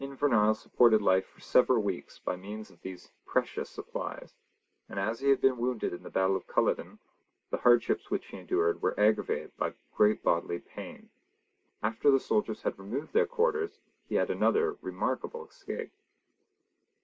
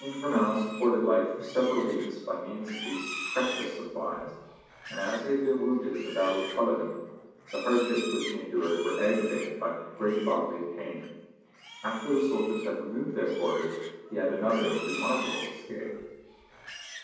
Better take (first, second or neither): first